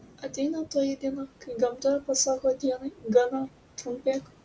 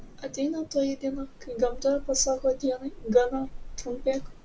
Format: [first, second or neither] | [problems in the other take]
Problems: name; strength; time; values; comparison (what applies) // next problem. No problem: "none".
first | background sound (Fire); 12 dB below the speech